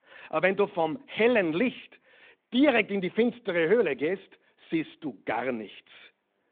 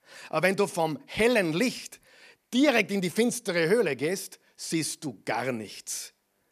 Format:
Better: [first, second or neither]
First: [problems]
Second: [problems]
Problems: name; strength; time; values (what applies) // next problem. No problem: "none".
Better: second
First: phone-call audio; nothing above 3.5 kHz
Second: none